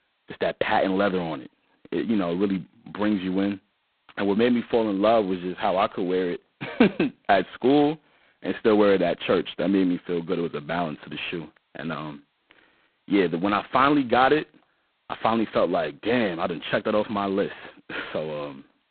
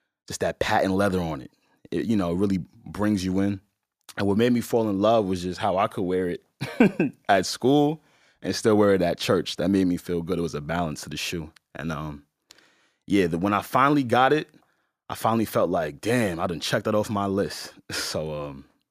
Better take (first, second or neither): second